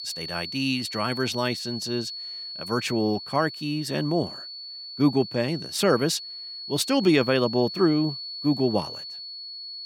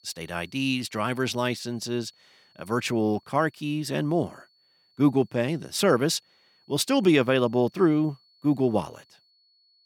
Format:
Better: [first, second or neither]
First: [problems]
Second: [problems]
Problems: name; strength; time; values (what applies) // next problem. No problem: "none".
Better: second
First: high-pitched whine; loud; throughout; 4.5 kHz, 9 dB below the speech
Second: high-pitched whine; faint; throughout; 4.5 kHz, 35 dB below the speech